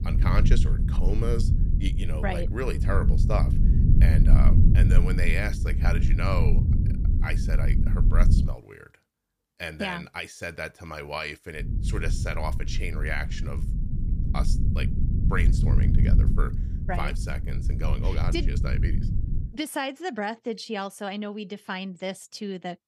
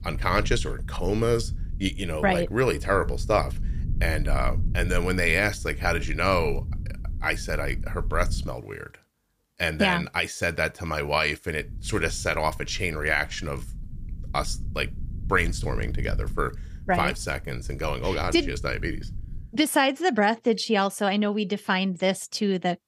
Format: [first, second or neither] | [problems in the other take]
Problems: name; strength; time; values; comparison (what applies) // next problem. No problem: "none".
second | low rumble; loud; until 8.5 s and from 12 to 19 s; 6 dB below the speech; faint in the second